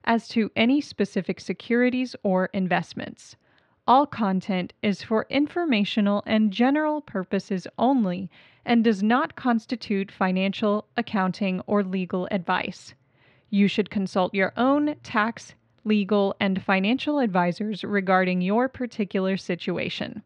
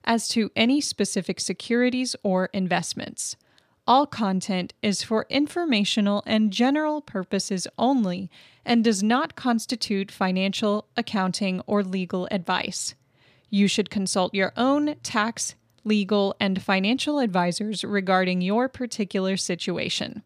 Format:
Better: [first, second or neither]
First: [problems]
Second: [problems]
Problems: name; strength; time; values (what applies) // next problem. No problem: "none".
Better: second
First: muffled; slightly; fading above 2.5 kHz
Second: none